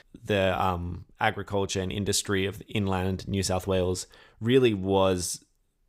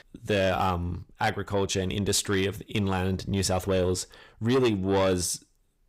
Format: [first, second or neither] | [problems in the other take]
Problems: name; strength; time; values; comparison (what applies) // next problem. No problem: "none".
first | distortion; slight; 10 dB below the speech